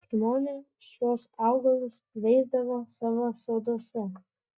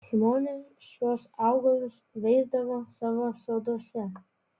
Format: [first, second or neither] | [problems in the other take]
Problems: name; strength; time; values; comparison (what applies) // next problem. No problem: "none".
second | noise reduction (neural mask model DeepFilterNet 3)